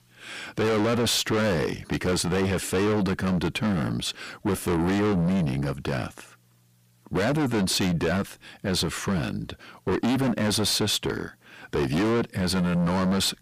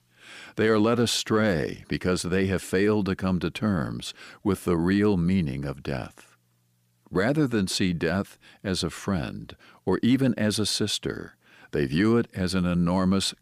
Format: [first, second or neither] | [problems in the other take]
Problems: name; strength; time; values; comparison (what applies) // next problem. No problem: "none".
second | distortion; heavy; 6 dB below the speech